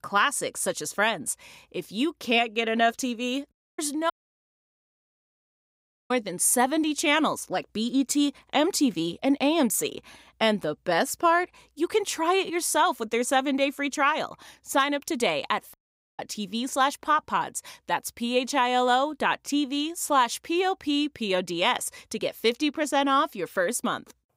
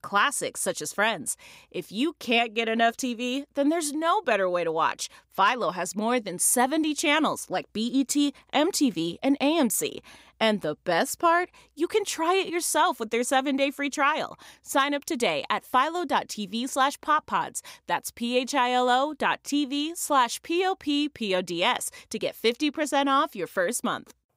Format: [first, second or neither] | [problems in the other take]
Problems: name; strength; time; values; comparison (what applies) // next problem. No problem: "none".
second | audio cutting out; at 3.5 s, at 4 s for 2 s and at 16 s